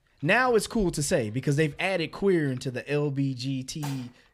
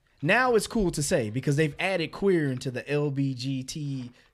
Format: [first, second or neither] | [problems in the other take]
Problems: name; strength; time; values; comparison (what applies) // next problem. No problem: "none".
second | clattering dishes; faint; at 4 s; peak 15 dB below the speech